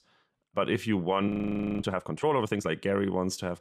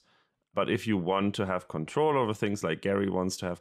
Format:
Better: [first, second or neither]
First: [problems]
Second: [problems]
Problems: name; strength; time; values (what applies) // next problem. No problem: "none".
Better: second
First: audio freezing; at 1.5 s for 0.5 s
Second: none